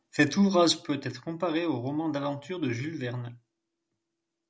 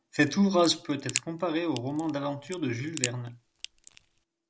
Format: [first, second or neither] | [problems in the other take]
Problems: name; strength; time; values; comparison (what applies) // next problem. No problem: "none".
first | background sound (Crack); 10 dB below the speech